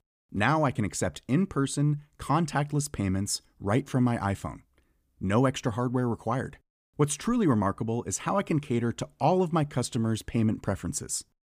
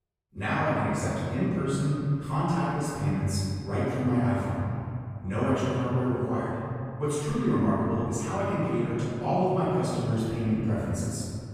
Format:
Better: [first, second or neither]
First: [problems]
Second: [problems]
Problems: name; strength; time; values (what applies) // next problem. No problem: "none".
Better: first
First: none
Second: off-mic speech; far // room echo; strong; dies away in 2.6 s